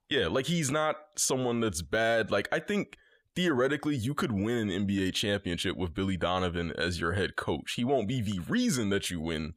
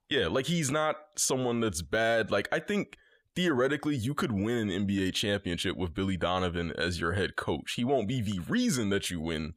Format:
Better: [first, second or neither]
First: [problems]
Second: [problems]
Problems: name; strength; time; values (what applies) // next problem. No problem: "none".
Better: neither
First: none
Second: none